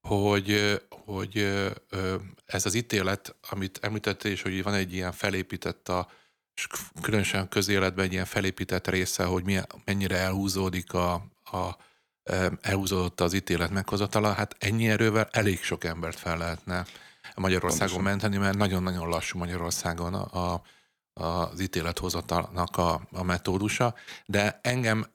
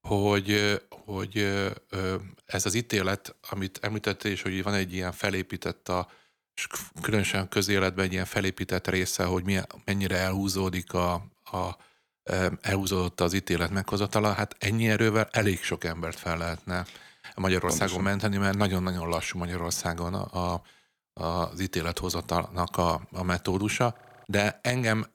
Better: first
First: none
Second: audio freezing; at 24 s

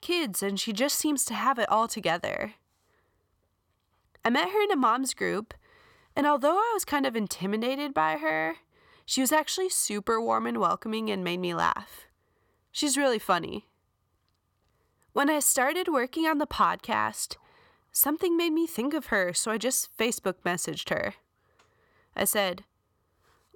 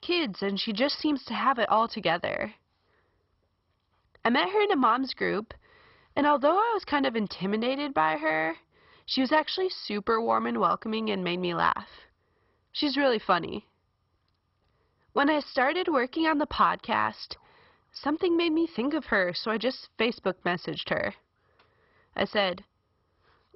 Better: first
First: none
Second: garbled, watery; badly; nothing above 5.5 kHz

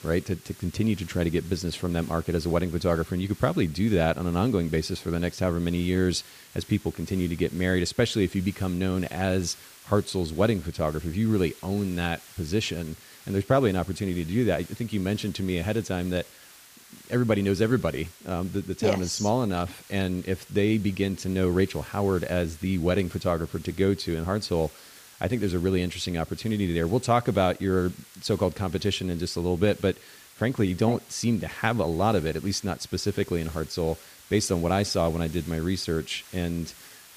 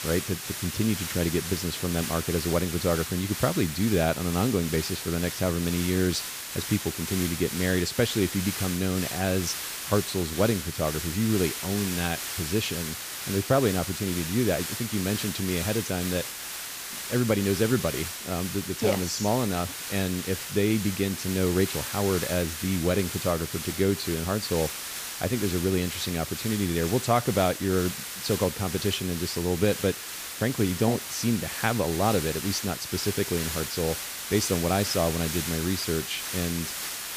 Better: first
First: hiss; faint; throughout; 20 dB below the speech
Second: hiss; loud; throughout; 5 dB below the speech

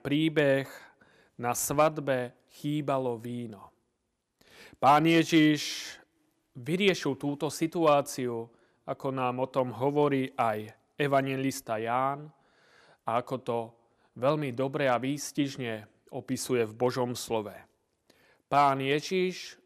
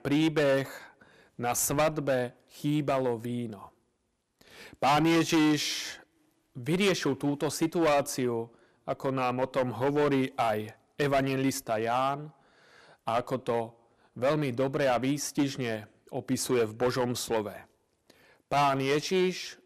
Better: first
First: none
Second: distortion; heavy; 7% of the sound clipped

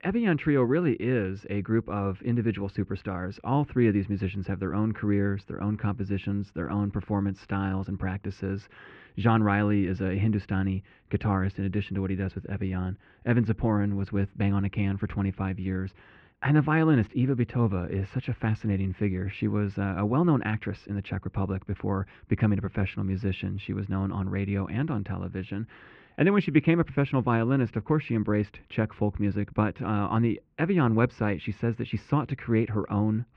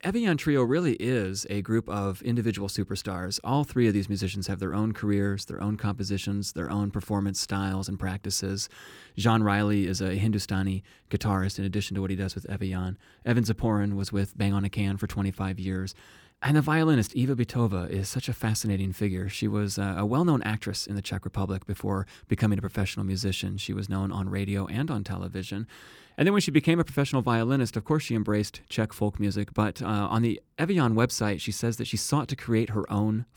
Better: second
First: muffled; very; fading above 2.5 kHz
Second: none

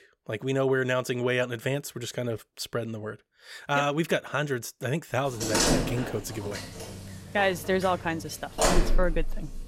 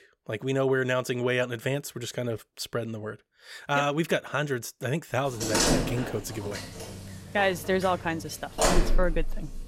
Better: neither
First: door banging; loud; from 5.5 s on; peak 6 dB above the speech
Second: door banging; loud; from 5.5 s on; peak 6 dB above the speech

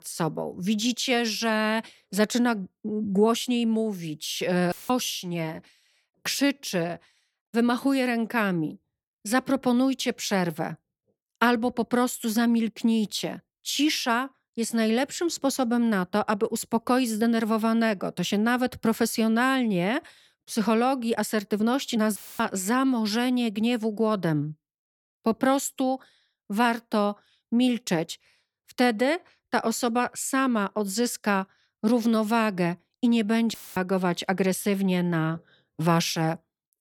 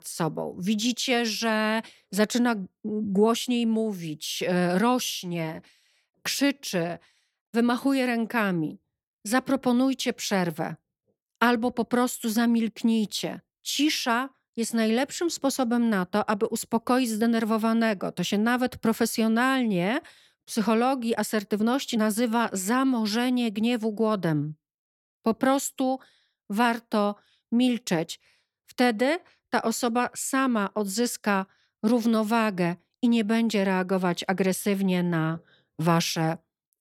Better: second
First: audio cutting out; filled with static; at 4.5 s, at 22 s and at 34 s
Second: none

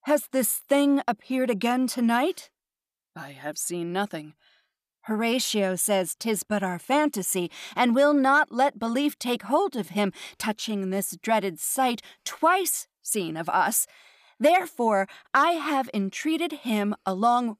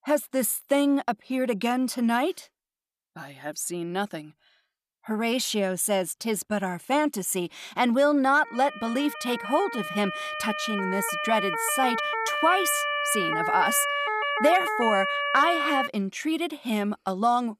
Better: first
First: none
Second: siren; loud; from 8.5 to 16 s; peak 1 dB above the speech

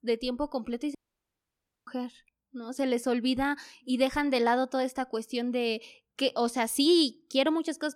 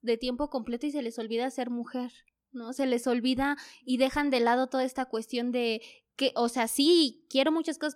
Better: second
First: audio cutting out; at 1 s for 1 s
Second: none

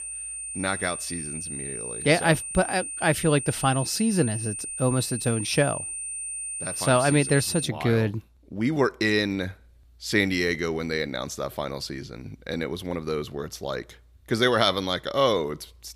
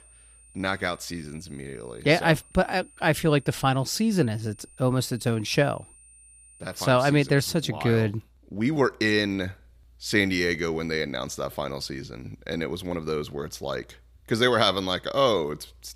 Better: second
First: high-pitched whine; loud; until 7.5 s; 9 kHz, 6 dB below the speech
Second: high-pitched whine; faint; until 7.5 s; 9 kHz, 25 dB below the speech

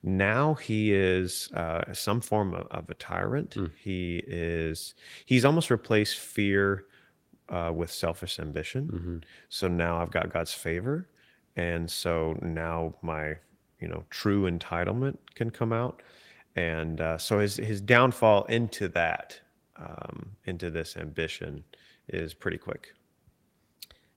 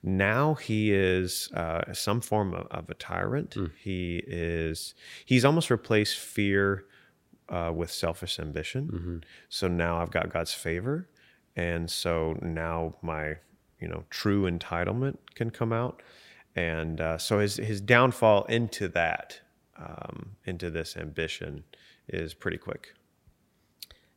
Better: second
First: garbled, watery; slightly; nothing above 16 kHz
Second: none

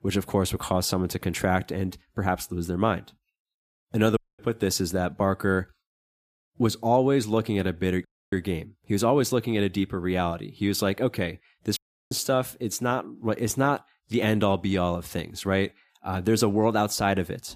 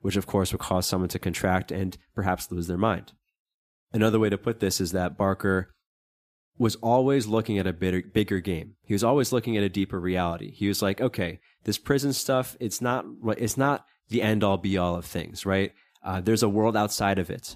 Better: second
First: audio cutting out; at 4 s, at 8 s and at 12 s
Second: none

